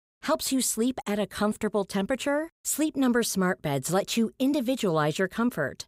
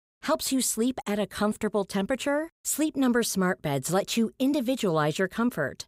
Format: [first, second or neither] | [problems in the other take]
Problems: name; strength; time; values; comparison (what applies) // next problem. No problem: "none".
neither | none